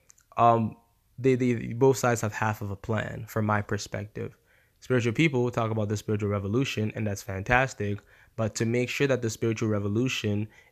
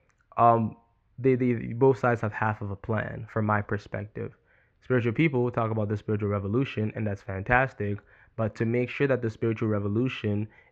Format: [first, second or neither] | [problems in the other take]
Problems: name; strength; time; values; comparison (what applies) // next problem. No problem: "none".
first | muffled; very; fading above 2 kHz